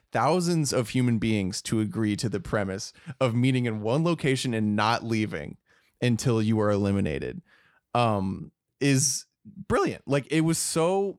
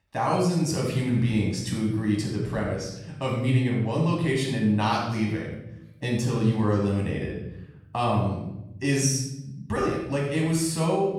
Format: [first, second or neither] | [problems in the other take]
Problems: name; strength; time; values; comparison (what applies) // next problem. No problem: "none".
first | room echo; noticeable; dies away in 0.8 s // off-mic speech; far